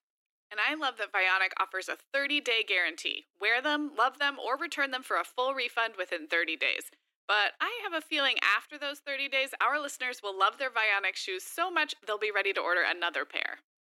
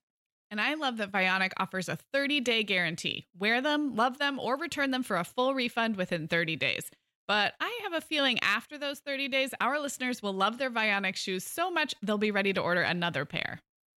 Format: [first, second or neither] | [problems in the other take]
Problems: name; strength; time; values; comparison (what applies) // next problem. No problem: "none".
second | thin; somewhat; fading below 300 Hz